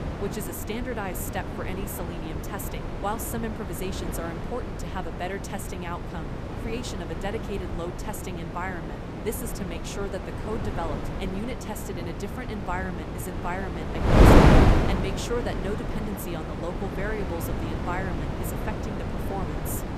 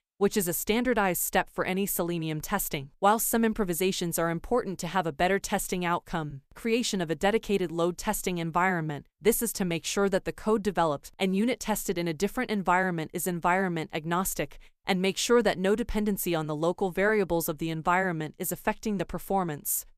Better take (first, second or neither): second